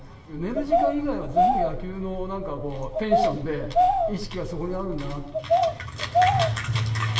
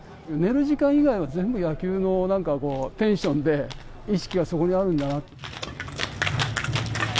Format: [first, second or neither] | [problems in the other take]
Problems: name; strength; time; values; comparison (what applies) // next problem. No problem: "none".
second | background sound (Bird vocalization, bird call, bird song); 3 dB above the speech // room echo; dies away in 1.1 s